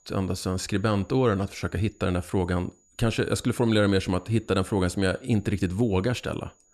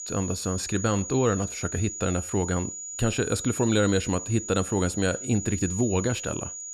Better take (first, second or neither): first